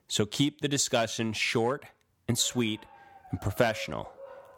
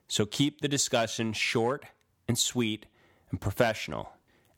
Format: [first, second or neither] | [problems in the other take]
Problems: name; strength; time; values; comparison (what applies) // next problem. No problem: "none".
second | dog barking; faint; from 2.5 s on; peak 15 dB below the speech